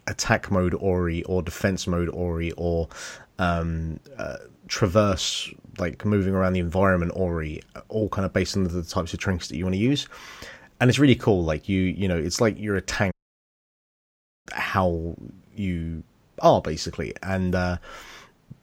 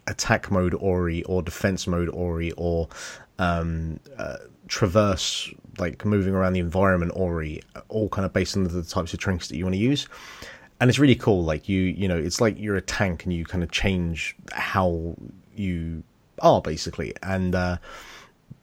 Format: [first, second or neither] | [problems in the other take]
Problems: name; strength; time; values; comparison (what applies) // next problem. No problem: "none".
second | audio cutting out; at 13 s for 1.5 s